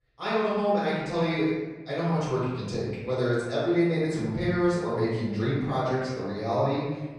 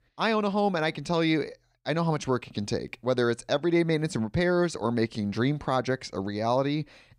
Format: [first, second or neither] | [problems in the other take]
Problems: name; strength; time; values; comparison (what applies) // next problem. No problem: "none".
second | room echo; strong; dies away in 1.1 s // off-mic speech; far